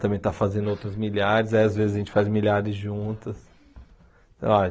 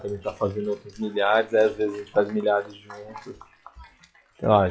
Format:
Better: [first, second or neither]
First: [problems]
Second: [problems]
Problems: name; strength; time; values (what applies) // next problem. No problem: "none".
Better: first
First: none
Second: noise reduction (classical method log-MMSE)